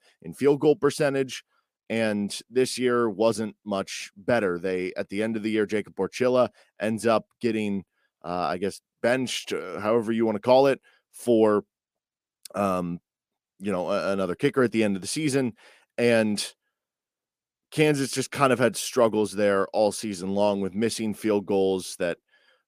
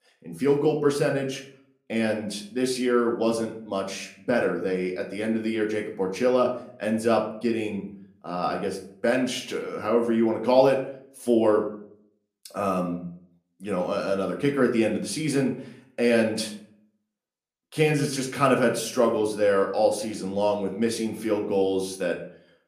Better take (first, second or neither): first